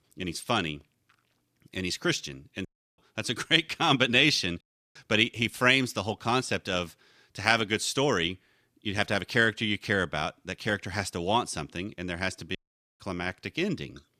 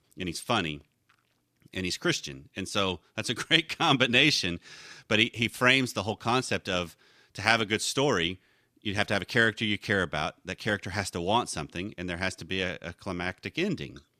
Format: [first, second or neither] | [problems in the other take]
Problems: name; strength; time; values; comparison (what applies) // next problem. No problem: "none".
second | audio cutting out; at 2.5 s, at 4.5 s and at 13 s